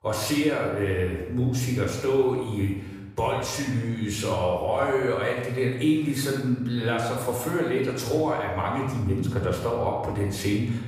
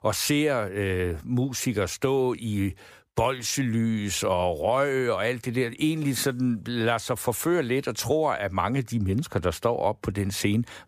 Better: second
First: off-mic speech; far // room echo; noticeable; dies away in 1 s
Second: none

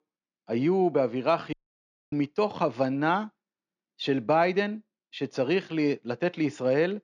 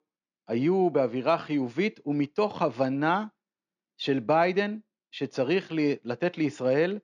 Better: second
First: audio cutting out; at 1.5 s for 0.5 s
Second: none

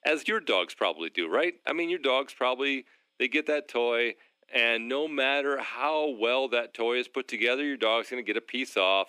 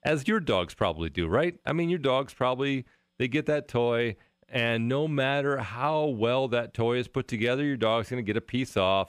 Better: second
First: thin; somewhat; fading below 250 Hz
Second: none

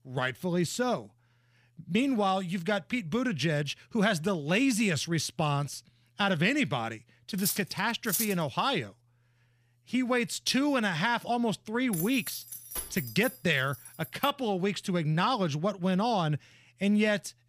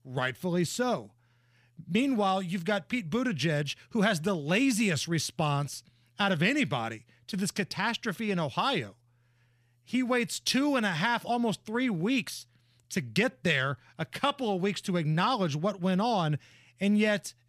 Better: second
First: clattering dishes; noticeable; at 7.5 s; peak 1 dB below the speech // jangling keys; noticeable; from 12 to 14 s; peak 7 dB below the speech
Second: none

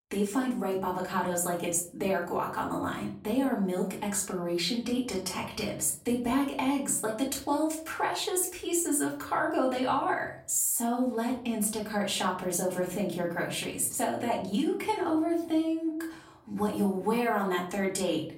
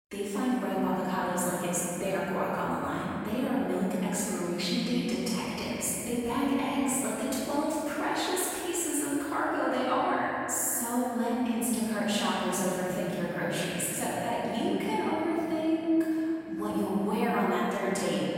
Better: first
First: room echo; slight; dies away in 0.5 s // off-mic speech; far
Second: room echo; strong; dies away in 3 s // off-mic speech; far

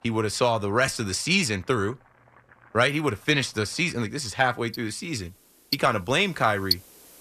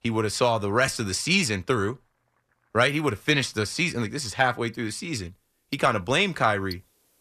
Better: second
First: household noises; loud; throughout; 5 dB below the speech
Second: household noises; faint; throughout; 20 dB below the speech

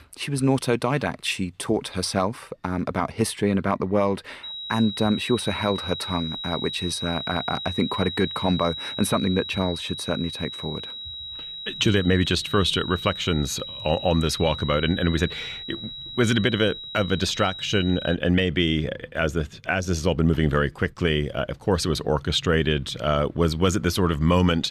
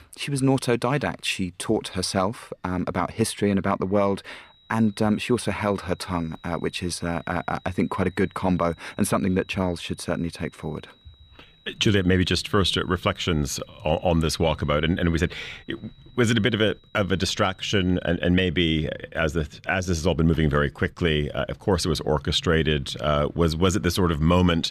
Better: second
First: high-pitched whine; loud; from 4.5 to 18 s; 4 kHz, 8 dB below the speech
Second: high-pitched whine; faint; from 4.5 to 18 s; 4 kHz, 30 dB below the speech

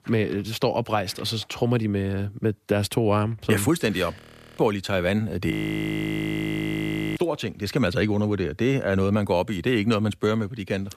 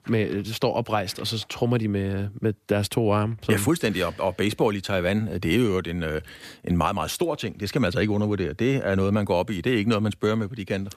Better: second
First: audio freezing; at 4 s and at 5.5 s for 1.5 s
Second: none

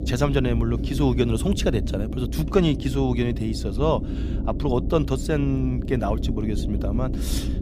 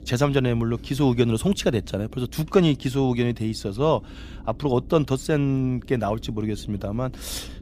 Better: second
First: low rumble; loud; throughout; 10 dB below the speech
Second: low rumble; faint; throughout; 25 dB below the speech

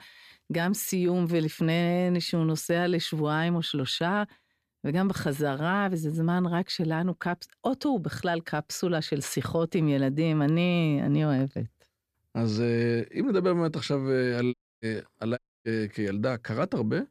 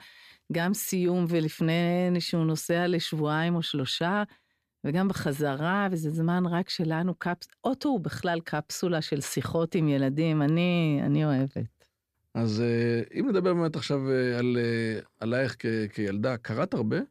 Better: second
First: audio cutting out; at 15 s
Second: none

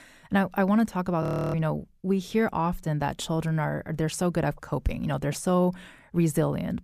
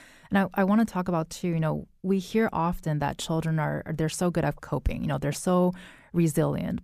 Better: second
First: audio freezing; at 1 s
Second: none

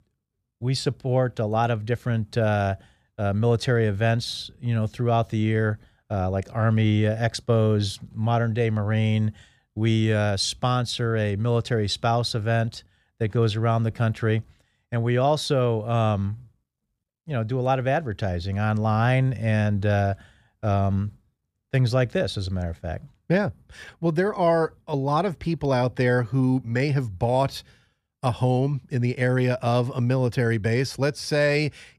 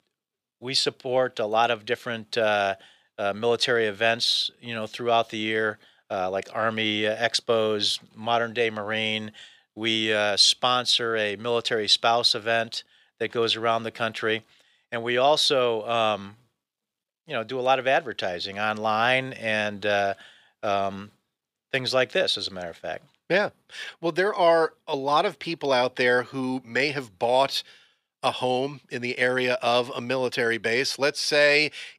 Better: first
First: none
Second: thin; very; fading below 400 Hz

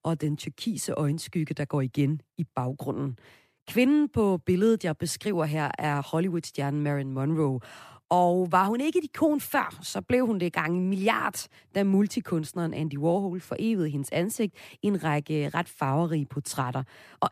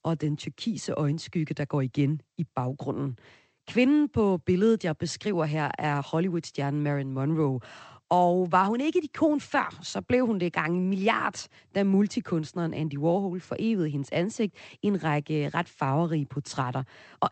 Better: first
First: none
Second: garbled, watery; slightly; nothing above 8 kHz

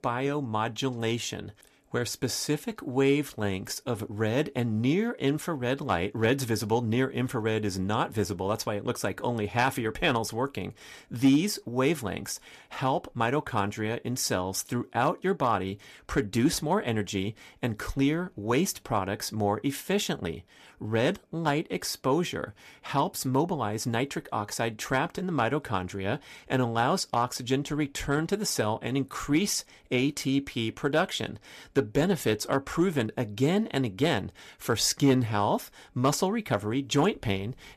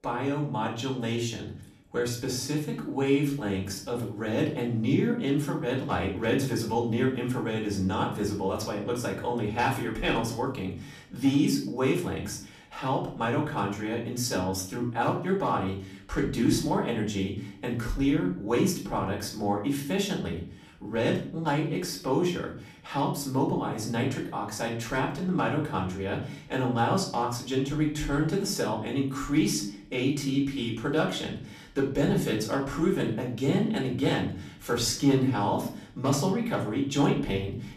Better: first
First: none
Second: off-mic speech; far // room echo; slight; dies away in 0.5 s

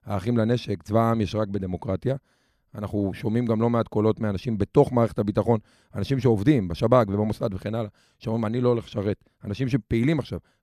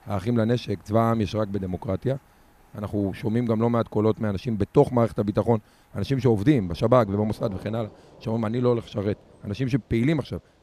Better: first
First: none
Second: rain or running water; faint; throughout; 25 dB below the speech

